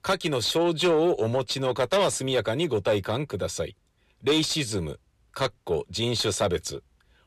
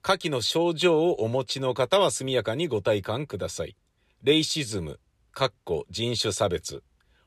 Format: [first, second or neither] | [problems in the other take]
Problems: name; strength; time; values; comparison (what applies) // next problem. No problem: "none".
second | distortion; slight; 10 dB below the speech